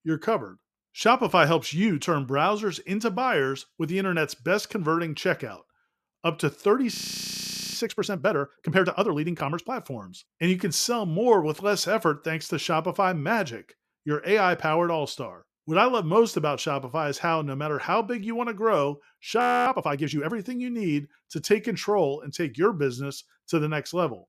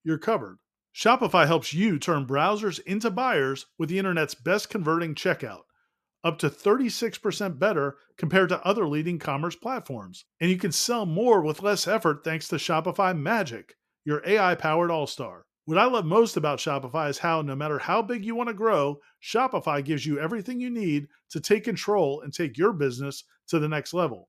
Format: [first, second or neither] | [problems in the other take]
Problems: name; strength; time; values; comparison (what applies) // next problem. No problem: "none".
second | audio freezing; at 7 s for 1 s and at 19 s